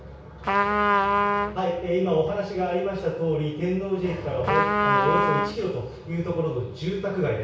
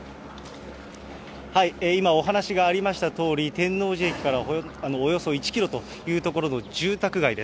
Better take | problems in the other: second | background sound (Trumpet); 3 dB above the speech // room echo; dies away in 0.6 s

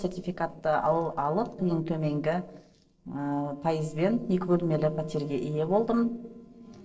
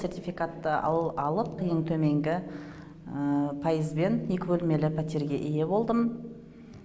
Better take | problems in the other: second | noise reduction (neural separator model SepFormer DNS4)

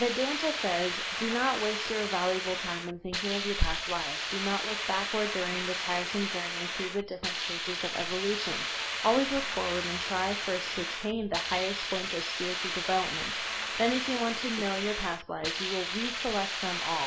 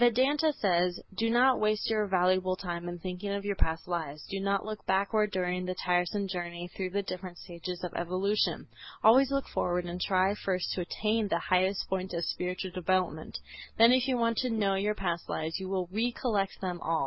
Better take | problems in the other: second | background sound (Hiss); 2 dB below the speech // room echo; dies away in 0.4 s

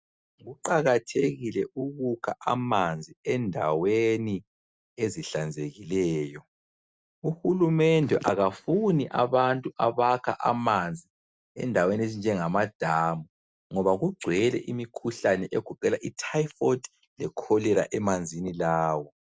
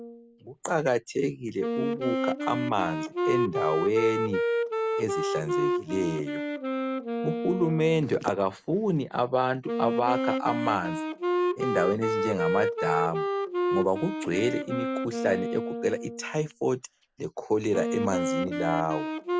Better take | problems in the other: first | background sound (Wind instrument, woodwind instrument); 1 dB below the speech

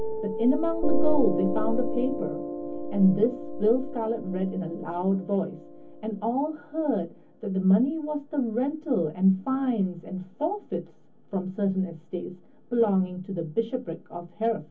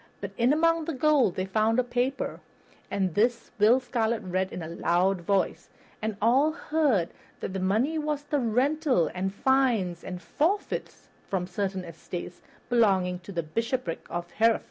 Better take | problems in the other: second | background sound (Piano); 2 dB below the speech // room echo; dies away in 0.3 s

